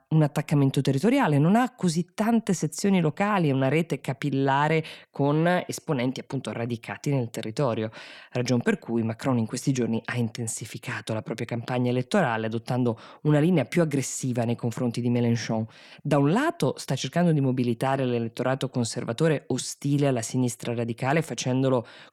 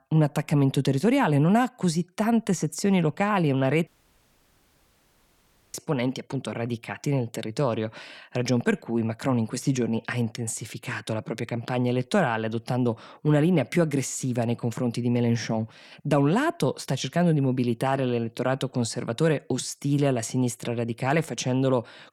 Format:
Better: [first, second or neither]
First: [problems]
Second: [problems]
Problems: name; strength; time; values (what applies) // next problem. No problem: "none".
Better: first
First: none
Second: audio cutting out; at 4 s for 2 s